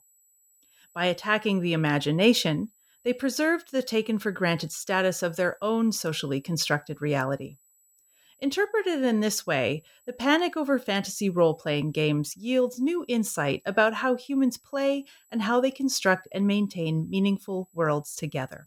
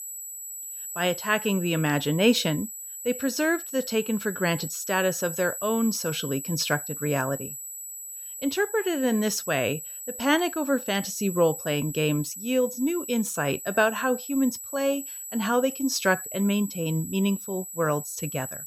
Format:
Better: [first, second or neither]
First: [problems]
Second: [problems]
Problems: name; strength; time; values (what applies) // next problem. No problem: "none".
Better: first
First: high-pitched whine; faint; throughout; 8 kHz, 35 dB below the speech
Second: high-pitched whine; loud; throughout; 8 kHz, 9 dB below the speech